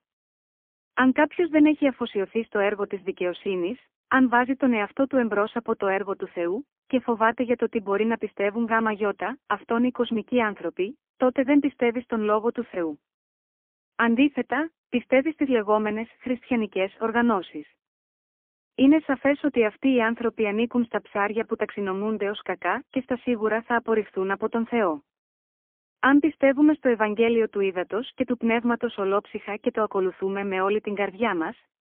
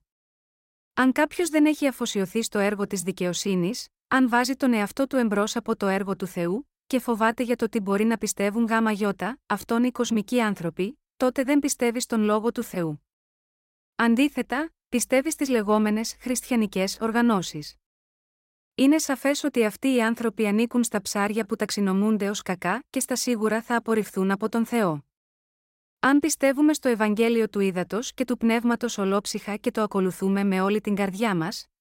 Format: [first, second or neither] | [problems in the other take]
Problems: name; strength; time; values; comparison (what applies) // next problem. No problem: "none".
second | phone-call audio; poor line; nothing above 3.5 kHz